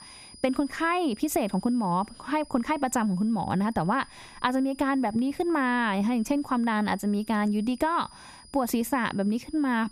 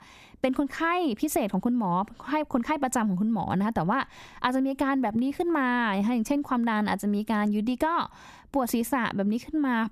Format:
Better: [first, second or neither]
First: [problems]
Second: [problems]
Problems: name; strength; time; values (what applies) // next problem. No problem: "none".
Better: second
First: high-pitched whine; faint; throughout; 5 kHz, 25 dB below the speech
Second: none